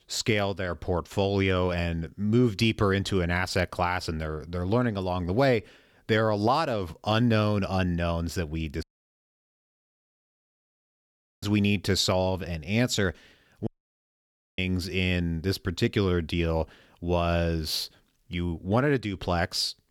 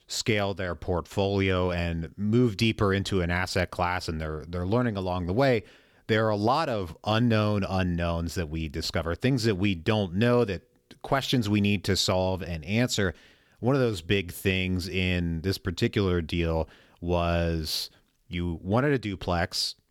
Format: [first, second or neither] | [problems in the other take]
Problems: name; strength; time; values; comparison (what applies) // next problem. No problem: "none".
second | audio cutting out; at 9 s for 2.5 s and at 14 s for 1 s